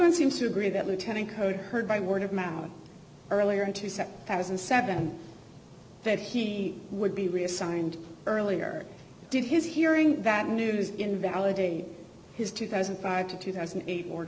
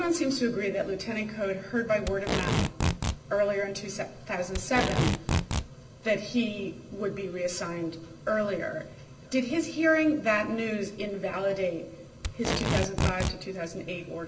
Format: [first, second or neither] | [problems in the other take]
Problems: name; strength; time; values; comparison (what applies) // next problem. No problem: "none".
first | background sound (Packing tape, duct tape); 1 dB above the speech // room echo; dies away in 0.2 s